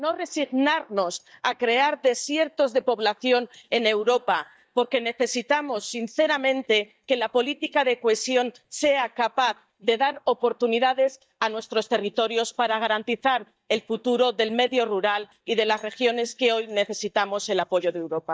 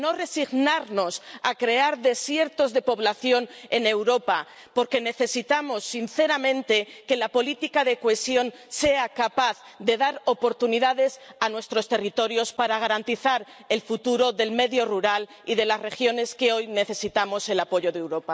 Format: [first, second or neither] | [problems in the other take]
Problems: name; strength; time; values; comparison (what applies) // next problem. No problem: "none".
second | noise reduction (neural mask model DeepFilterNet 3)